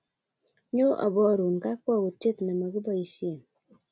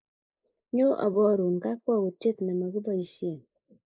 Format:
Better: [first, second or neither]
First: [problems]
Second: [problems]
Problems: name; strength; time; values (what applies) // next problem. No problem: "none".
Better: first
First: none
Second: noise reduction (neural mask model Resemble Enhance denoiser)